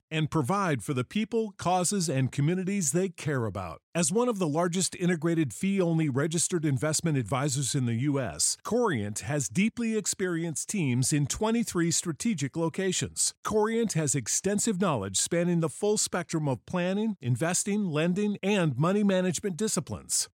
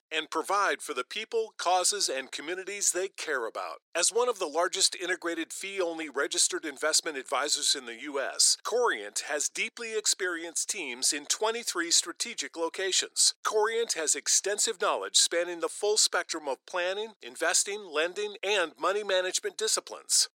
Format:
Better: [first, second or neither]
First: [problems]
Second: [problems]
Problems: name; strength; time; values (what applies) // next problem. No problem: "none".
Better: first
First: none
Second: thin; very; fading below 400 Hz